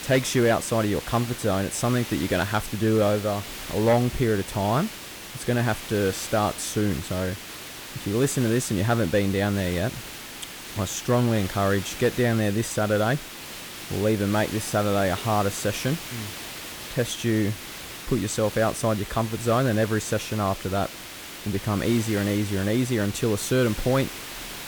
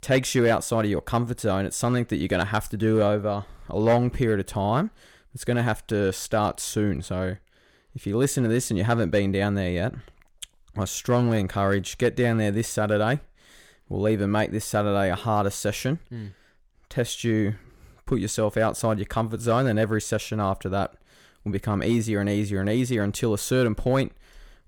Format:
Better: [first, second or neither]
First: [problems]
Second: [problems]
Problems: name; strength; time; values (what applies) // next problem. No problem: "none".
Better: second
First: hiss; noticeable; throughout; 10 dB below the speech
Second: none